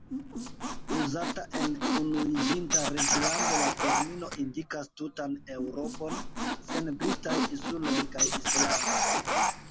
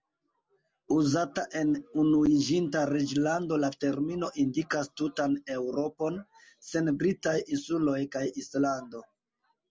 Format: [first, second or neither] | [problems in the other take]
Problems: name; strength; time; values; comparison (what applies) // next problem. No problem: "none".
second | background sound (Squeak); 4 dB above the speech